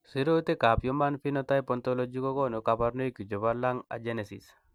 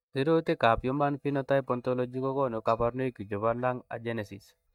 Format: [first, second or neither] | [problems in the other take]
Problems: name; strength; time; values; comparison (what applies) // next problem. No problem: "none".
first | noise reduction (neural mask model DeepFilterNet 3)